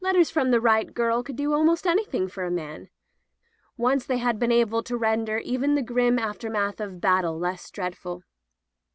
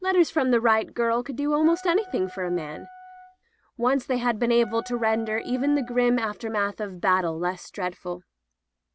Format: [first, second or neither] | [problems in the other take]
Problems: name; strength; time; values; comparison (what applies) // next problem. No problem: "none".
first | background sound (Wind instrument, woodwind instrument); 19 dB below the speech